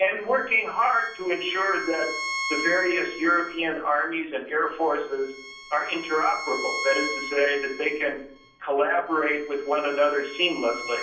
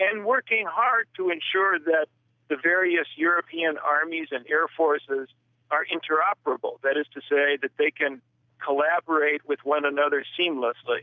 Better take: second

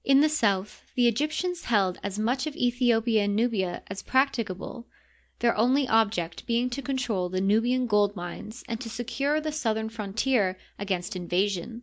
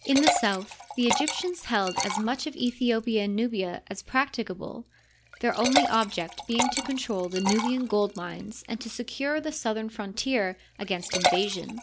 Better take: first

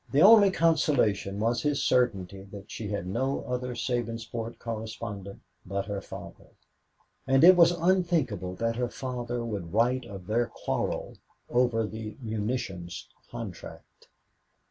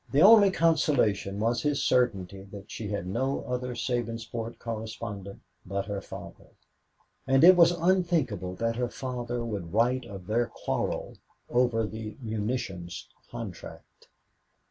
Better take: first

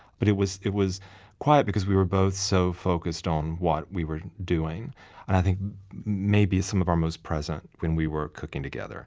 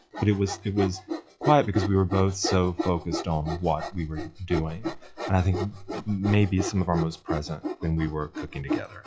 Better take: first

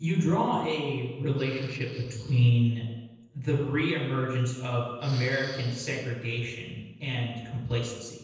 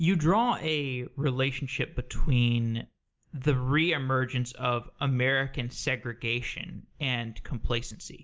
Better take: second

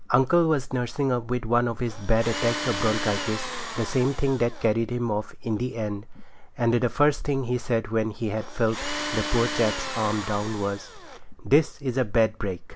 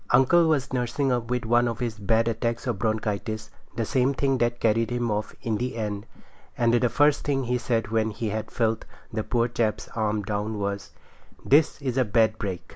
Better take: second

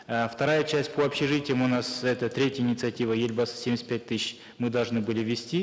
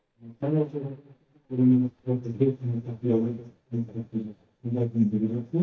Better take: first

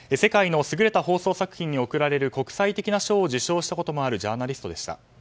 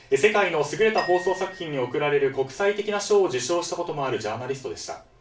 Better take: first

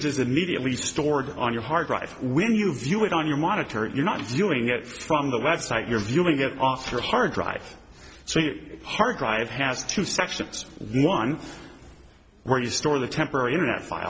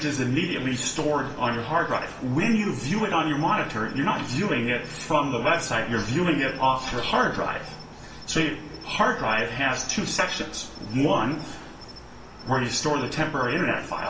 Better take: first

